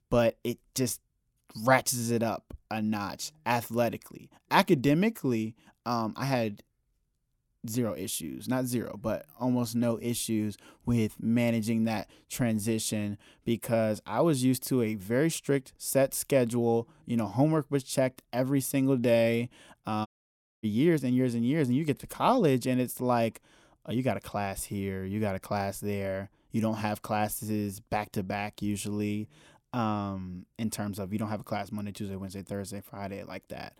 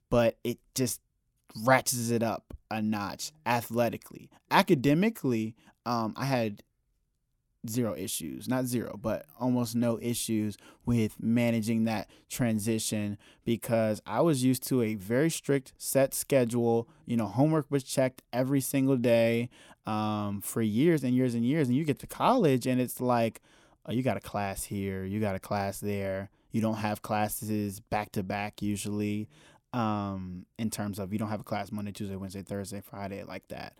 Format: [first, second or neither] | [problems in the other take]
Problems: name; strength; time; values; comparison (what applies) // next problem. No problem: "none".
second | audio cutting out; at 20 s for 0.5 s